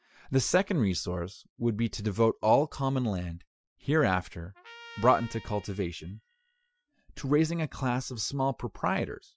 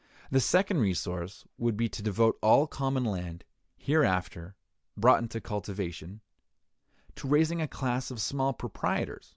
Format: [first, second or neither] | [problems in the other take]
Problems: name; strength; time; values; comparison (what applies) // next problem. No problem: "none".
second | noise reduction (classical method Wiener filter)